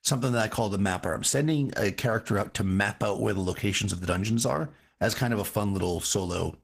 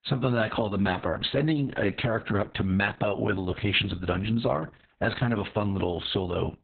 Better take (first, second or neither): first